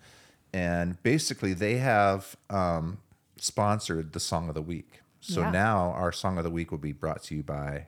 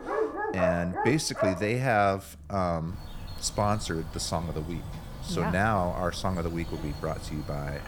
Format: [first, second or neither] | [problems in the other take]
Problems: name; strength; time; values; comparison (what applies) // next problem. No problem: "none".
first | animal sounds; loud; throughout; 6 dB below the speech